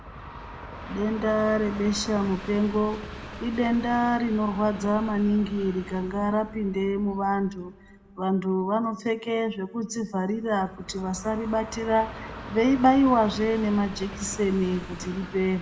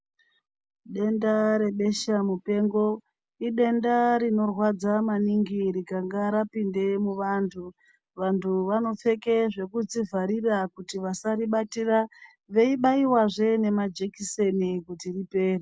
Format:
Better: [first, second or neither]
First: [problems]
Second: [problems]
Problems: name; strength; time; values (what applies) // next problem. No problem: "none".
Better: second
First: background sound (Train); 14 dB below the speech // room echo; dies away in 1.2 s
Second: none